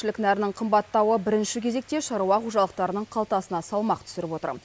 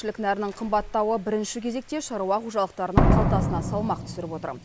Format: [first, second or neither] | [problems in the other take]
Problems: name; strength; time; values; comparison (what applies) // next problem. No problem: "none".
first | background sound (Slam); as loud as the speech